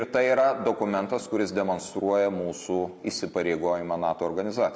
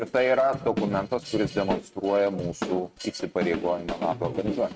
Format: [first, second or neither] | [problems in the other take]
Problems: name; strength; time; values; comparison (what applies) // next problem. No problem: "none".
first | noise reduction (neural mask model RNNoise)